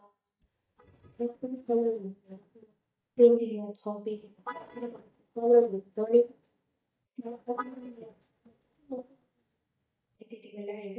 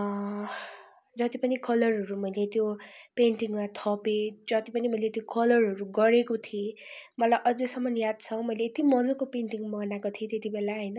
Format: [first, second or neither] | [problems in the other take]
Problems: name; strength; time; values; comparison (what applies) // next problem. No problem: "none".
second | noise reduction (neural mask model DeepFilterNet 3)